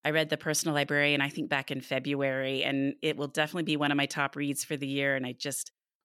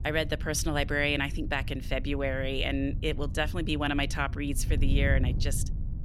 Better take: first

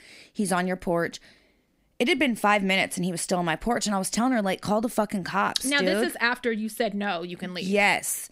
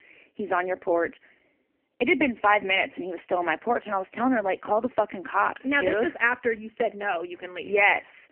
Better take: first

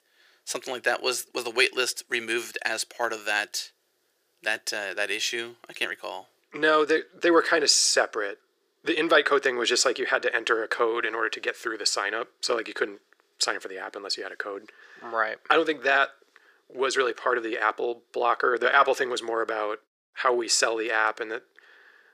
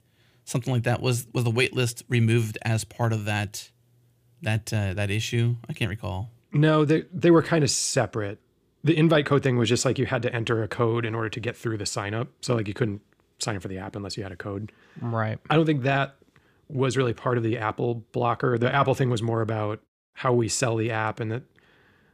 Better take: second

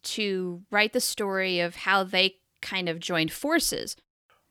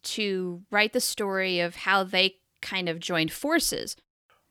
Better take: neither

